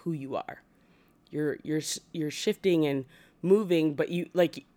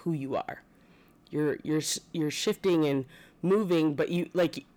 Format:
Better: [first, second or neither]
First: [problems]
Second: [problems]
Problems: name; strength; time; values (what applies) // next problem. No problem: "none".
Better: first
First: none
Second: distortion; slight; 10 dB below the speech